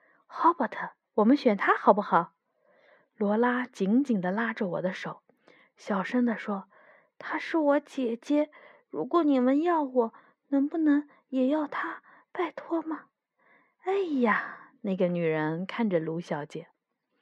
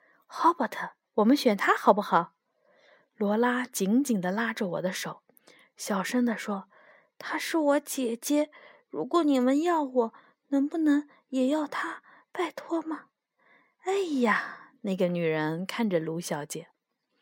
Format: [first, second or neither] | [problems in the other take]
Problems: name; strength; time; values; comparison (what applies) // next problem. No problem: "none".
second | muffled; slightly; fading above 2.5 kHz